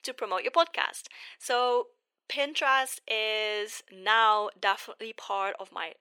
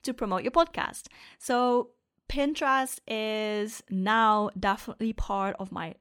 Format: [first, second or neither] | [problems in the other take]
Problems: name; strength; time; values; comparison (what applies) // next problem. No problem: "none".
second | thin; very; fading below 450 Hz